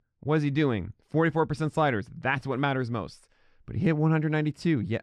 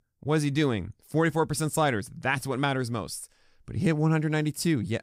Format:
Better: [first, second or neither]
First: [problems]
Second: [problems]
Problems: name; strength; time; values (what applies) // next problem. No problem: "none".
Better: second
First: muffled; slightly; fading above 3 kHz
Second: none